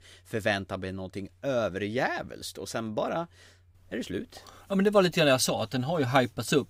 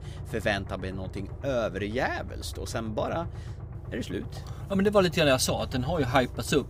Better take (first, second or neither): first